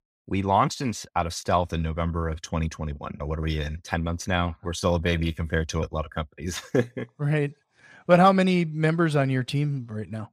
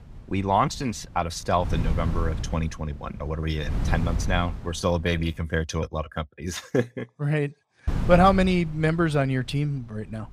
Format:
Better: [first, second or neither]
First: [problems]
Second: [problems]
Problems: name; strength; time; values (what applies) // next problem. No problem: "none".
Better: first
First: none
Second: wind noise on the microphone; occasional gusts; until 5.5 s and from 8 s on; 15 dB below the speech